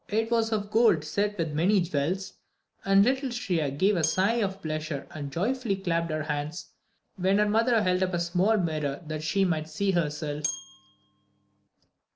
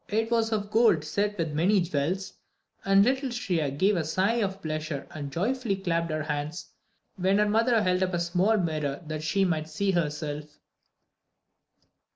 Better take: second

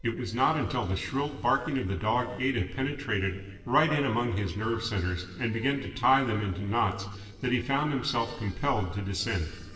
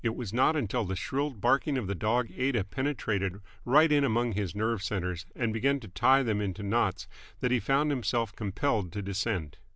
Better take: second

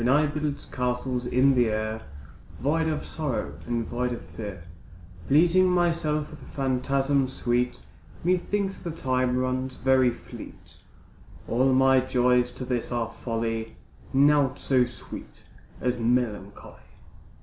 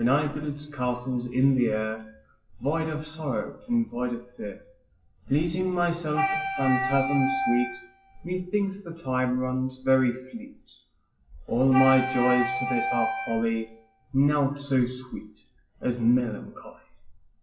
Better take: first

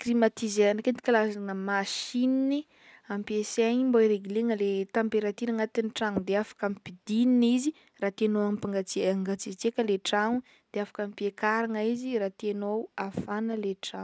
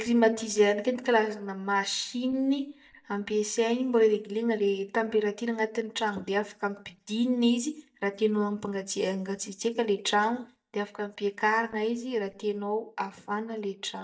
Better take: first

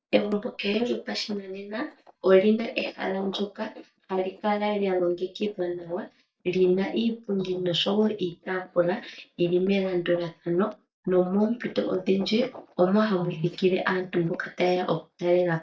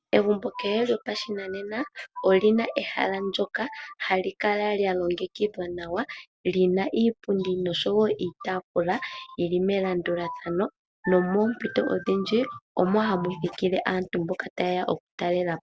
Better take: second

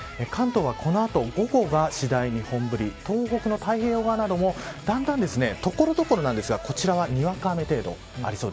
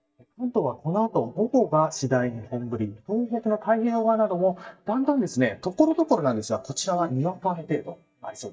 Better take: first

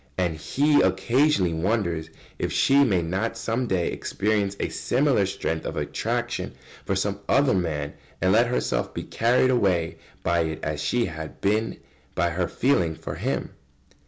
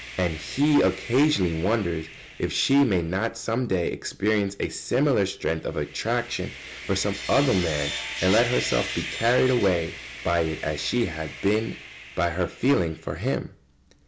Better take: first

